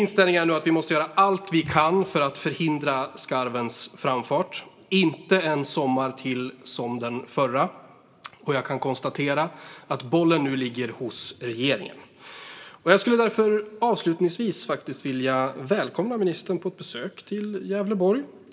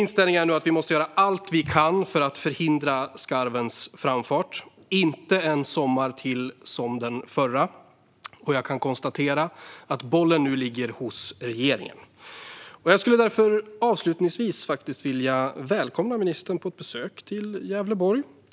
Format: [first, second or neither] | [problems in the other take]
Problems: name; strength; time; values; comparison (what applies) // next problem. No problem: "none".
second | room echo; dies away in 0.8 s